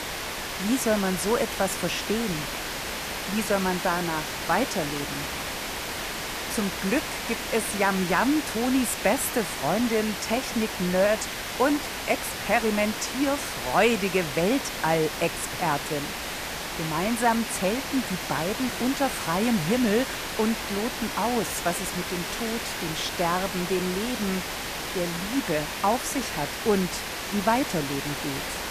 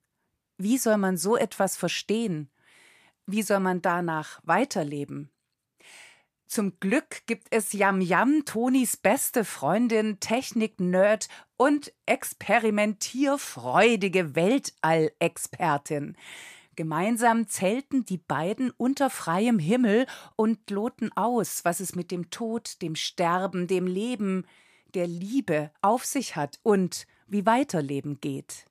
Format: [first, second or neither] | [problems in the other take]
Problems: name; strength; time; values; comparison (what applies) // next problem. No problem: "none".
second | hiss; loud; throughout; 4 dB below the speech